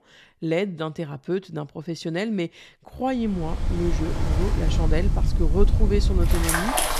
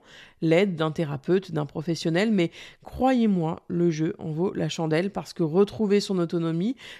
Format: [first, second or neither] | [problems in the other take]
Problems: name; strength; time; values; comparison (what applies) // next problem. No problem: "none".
second | rain or running water; very loud; from 3.5 s on; 3 dB above the speech